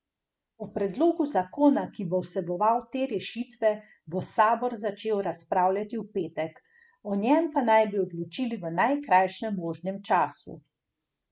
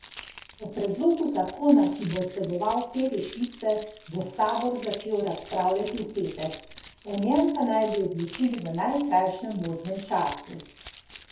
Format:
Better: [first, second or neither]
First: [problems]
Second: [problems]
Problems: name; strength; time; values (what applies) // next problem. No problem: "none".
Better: first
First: none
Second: background sound (Keys jangling); 20 dB below the speech // room echo; dies away in 0.5 s